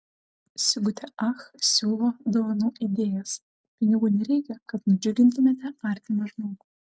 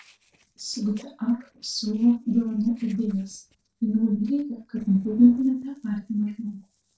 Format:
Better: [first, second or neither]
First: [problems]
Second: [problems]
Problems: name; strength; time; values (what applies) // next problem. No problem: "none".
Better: first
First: none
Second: noise reduction (neural separator model SepFormer DNS4)